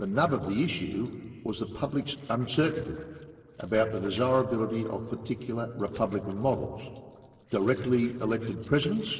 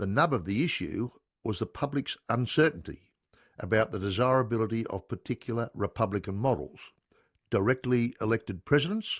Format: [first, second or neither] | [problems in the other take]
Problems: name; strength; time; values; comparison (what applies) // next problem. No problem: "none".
second | noise reduction (neural separator model SepFormer DNS4)